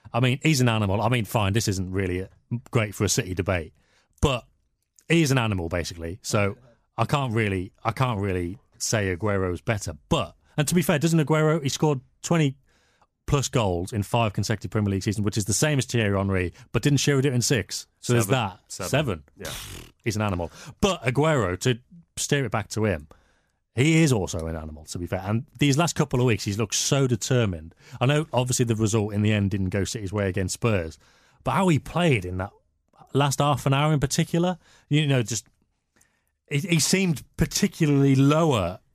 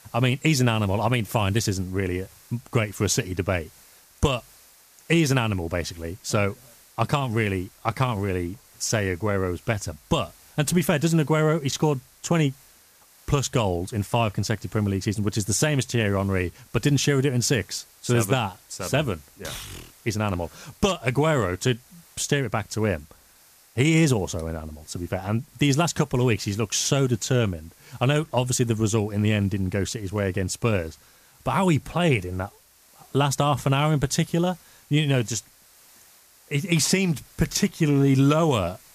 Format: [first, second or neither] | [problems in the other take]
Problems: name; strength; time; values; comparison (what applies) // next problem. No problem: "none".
first | hiss; faint; throughout; 25 dB below the speech